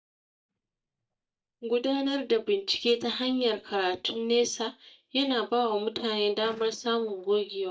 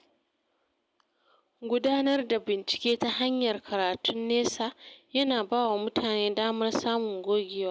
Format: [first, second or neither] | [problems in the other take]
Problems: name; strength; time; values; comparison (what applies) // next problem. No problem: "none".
second | noise reduction (neural mask model DeepFilterNet 3)